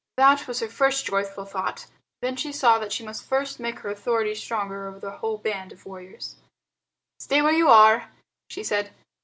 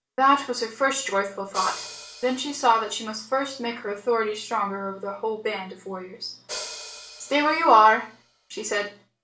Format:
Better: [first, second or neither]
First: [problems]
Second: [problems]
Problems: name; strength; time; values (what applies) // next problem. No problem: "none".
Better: first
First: none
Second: background sound (Hi-hat); 19 dB below the speech // room echo; dies away in 0.3 s